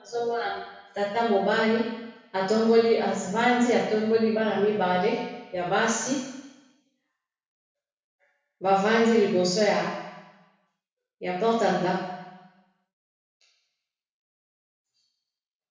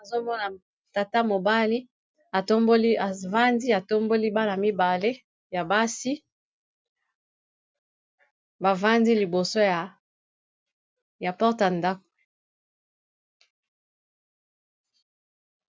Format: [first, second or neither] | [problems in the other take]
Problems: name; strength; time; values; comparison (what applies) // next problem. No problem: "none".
second | room echo; dies away in 1 s